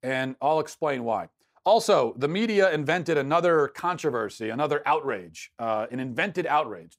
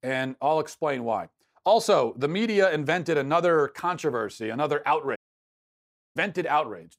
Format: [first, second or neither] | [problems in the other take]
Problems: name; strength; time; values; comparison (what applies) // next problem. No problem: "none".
first | audio cutting out; at 5 s for 1 s